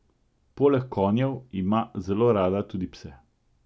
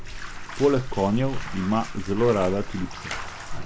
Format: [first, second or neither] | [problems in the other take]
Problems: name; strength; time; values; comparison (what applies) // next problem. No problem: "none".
first | background sound (Bathtub (filling or washing)); 5 dB below the speech